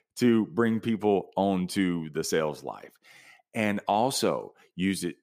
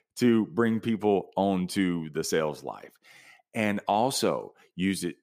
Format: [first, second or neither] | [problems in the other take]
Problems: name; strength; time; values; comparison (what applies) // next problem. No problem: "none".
neither | none